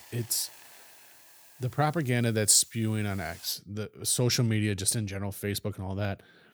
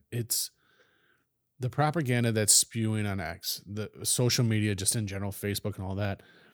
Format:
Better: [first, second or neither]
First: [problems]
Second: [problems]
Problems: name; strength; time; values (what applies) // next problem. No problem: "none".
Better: second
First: hiss; faint; until 3.5 s; 20 dB below the speech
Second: none